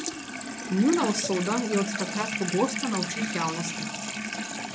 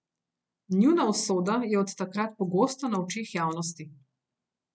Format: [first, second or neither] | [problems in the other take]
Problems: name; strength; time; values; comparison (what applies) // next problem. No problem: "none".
second | background sound (Sink (filling or washing) / Water tap, faucet); 3 dB below the speech